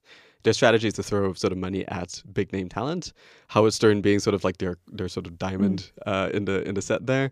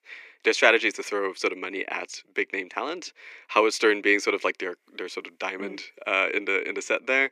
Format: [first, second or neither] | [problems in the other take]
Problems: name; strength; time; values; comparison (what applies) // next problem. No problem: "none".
first | thin; very; fading below 300 Hz